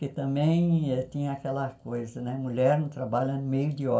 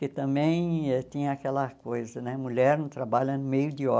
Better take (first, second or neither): second